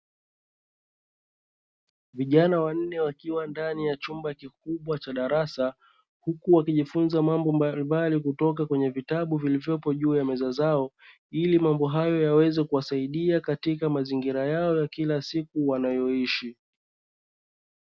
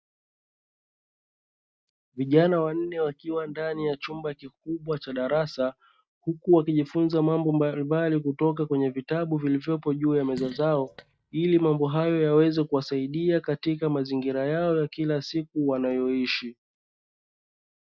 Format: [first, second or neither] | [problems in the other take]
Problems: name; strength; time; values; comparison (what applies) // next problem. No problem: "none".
first | noise reduction (neural mask model DeepFilterNet 3)